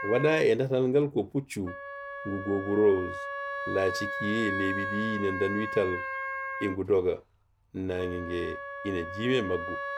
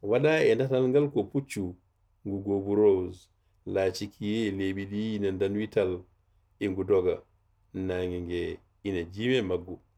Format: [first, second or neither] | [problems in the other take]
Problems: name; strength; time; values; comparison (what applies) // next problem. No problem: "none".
second | background sound (Wind instrument, woodwind instrument); 7 dB below the speech